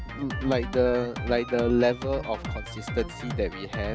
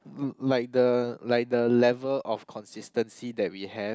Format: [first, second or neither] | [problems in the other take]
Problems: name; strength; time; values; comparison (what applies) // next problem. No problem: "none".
second | background sound (Drum kit); 7 dB below the speech